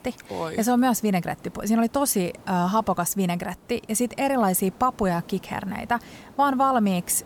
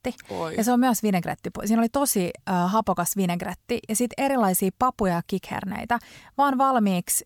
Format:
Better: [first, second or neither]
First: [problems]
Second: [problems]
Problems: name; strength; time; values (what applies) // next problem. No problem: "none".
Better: second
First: hiss; faint; throughout; 25 dB below the speech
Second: none